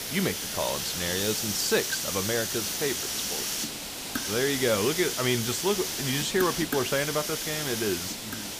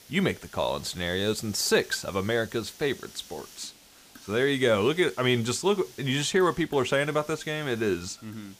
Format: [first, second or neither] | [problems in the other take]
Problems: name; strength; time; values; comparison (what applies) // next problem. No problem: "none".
second | hiss; loud; throughout; 1 dB below the speech; faint in the second